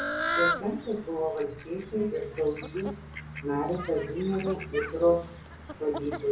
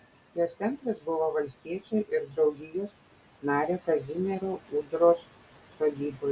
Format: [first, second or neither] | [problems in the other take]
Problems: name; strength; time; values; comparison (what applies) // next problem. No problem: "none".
second | background sound (Fowl); 6 dB below the speech // room echo; dies away in 0.7 s